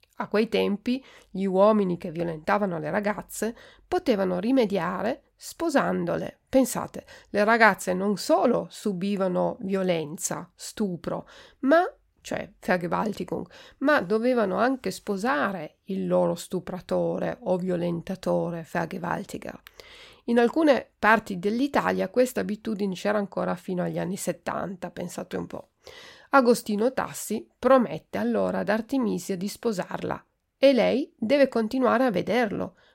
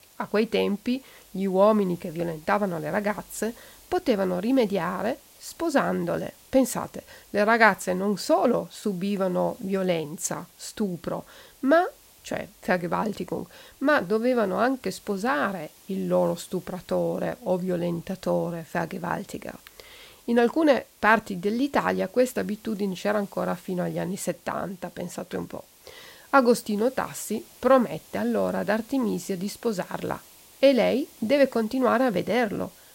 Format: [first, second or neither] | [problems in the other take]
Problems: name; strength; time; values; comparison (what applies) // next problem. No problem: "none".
first | hiss; faint; throughout; 25 dB below the speech